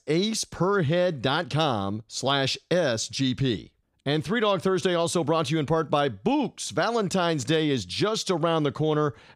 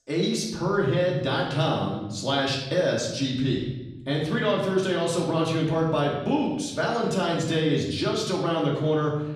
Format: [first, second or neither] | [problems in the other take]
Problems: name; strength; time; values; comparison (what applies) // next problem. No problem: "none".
first | off-mic speech; far // room echo; noticeable; dies away in 1 s